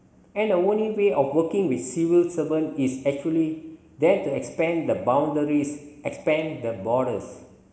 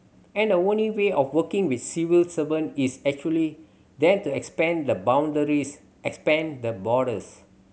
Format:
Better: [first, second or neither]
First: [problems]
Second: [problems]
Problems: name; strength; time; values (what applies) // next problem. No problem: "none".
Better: second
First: room echo; dies away in 1 s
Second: none